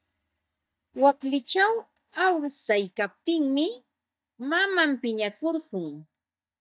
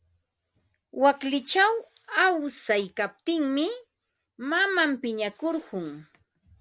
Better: second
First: noise reduction (neural mask model DeepFilterNet 3)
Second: none

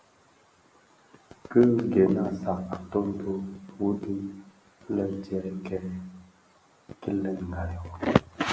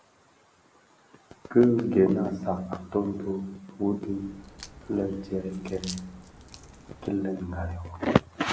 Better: first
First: none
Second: background sound (Crack); 17 dB below the speech

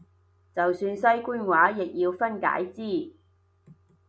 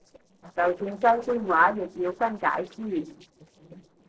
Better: first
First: none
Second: noise reduction (neural separator model SepFormer DNS4)

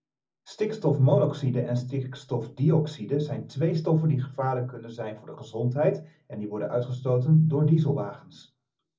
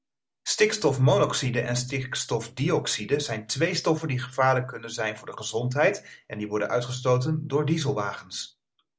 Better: second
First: room echo; dies away in 0.4 s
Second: none

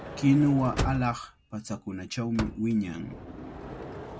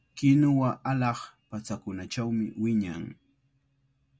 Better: second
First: background sound (Sliding door / Motor vehicle (road)); 8 dB below the speech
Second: none

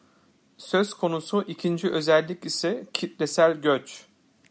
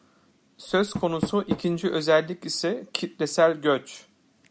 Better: first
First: none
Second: background sound (Door); 12 dB below the speech

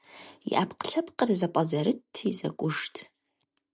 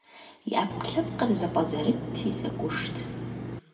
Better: first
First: none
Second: background sound (Engine); 5 dB below the speech // room echo; dies away in 2.1 s

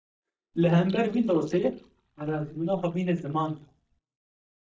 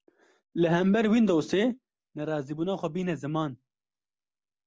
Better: second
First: noise reduction (neural mask model DeepFilterNet 3)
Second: none

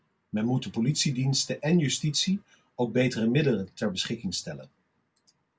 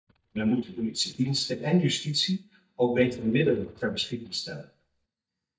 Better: first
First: none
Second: noise reduction (neural mask model DeepFilterNet 3)

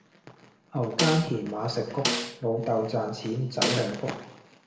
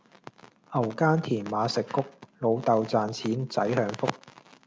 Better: second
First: background sound (Snare drum); 3 dB below the speech // room echo; dies away in 0.8 s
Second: none

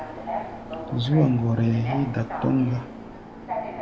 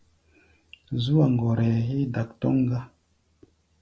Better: second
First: background sound (Subway, metro, underground); 9 dB below the speech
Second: none

